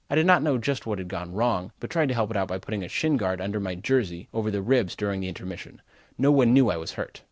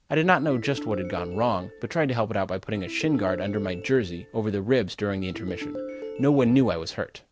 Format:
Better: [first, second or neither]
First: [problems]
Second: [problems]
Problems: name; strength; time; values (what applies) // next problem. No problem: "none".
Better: first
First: none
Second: background sound (Ringtone); 12 dB below the speech